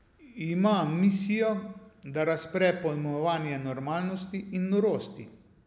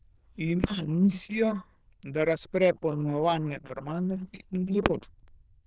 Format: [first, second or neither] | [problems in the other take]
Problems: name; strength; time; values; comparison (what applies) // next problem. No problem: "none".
first | noise reduction (neural diffusion model UNIVERSE++)